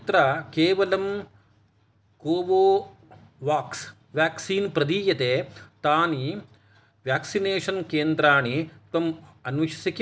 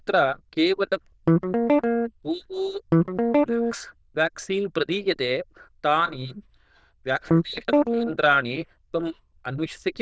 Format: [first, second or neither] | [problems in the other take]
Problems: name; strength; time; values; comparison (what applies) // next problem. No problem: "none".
first | noise reduction (neural diffusion model UNIVERSE++)